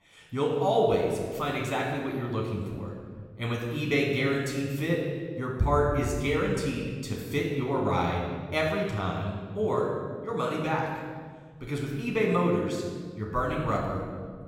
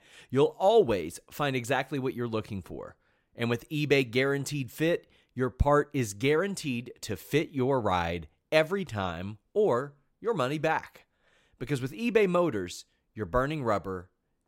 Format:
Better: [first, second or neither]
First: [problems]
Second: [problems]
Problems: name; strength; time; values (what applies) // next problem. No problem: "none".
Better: second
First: off-mic speech; far // room echo; noticeable; dies away in 1.7 s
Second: none